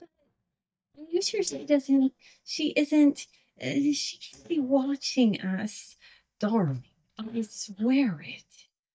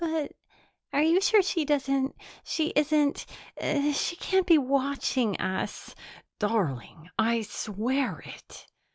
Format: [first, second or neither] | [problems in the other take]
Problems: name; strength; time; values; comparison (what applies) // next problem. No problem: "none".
second | noise reduction (neural mask model DeepFilterNet 3)